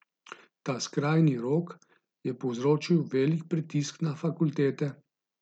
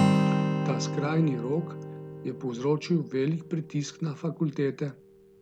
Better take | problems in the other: first | background sound (Acoustic guitar); 1 dB below the speech

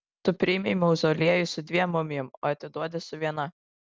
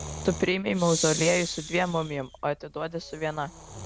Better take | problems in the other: first | background sound (Breathing); 9 dB below the speech

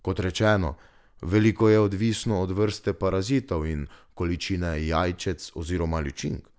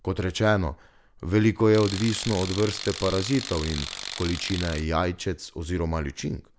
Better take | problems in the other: first | background sound (Tools); 10 dB below the speech

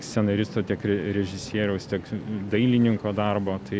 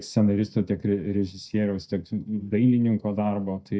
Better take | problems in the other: first | noise reduction (neural mask model DeepFilterNet 3)

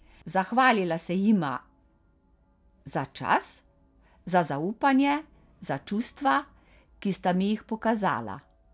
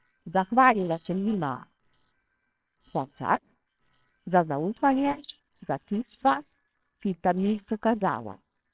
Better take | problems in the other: first | noise reduction (neural separator model SepFormer WHAMR!)

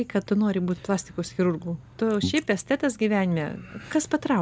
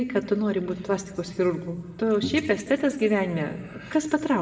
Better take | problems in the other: first | room echo; dies away in 1.2 s

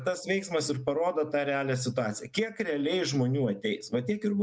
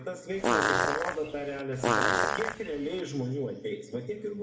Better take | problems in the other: first | background sound (Fart); 5 dB above the speech // room echo; dies away in 1.6 s

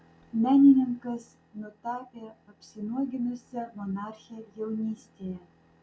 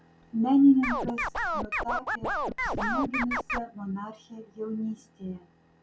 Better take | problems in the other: first | background sound (Scratching (performance technique)); 1 dB below the speech

